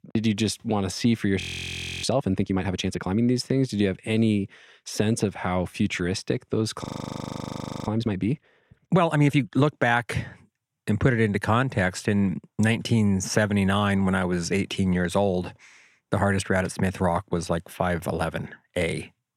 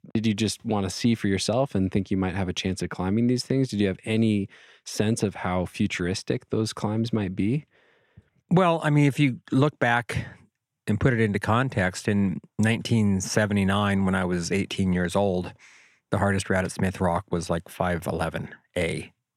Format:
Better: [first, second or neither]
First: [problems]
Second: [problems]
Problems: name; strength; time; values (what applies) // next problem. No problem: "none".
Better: second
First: audio freezing; at 1.5 s for 0.5 s and at 7 s for 1 s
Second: none